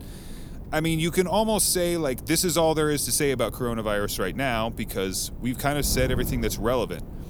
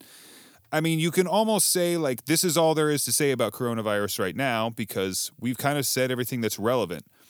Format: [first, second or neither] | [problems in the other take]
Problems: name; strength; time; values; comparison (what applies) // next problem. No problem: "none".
second | wind noise on the microphone; occasional gusts; 20 dB below the speech